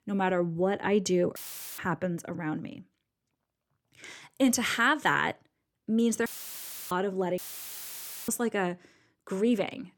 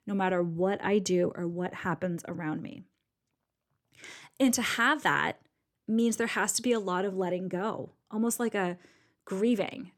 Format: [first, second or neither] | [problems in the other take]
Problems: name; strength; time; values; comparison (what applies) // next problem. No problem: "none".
second | audio cutting out; filled with static; at 1.5 s, at 6.5 s for 0.5 s and at 7.5 s for 1 s